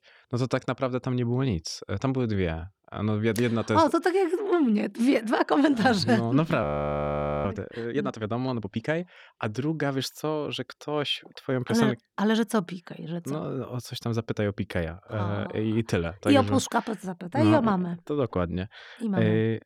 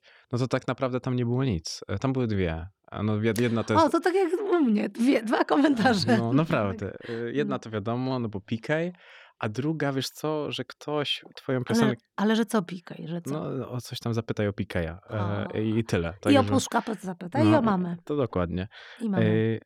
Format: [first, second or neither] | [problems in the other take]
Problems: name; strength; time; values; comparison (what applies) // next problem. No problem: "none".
second | audio freezing; at 6.5 s for 1 s